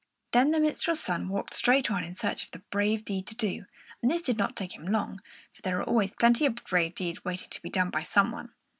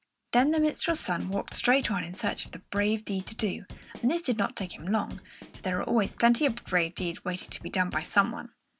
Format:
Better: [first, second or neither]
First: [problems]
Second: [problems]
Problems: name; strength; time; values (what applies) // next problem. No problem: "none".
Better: first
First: none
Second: background sound (Drum kit); 18 dB below the speech